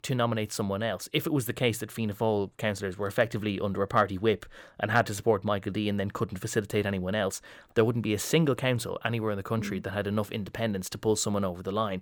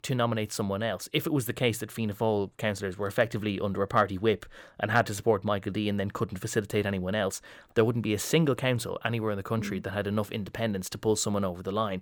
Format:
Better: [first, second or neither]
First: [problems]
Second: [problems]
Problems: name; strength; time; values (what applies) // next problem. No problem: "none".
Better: neither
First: none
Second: none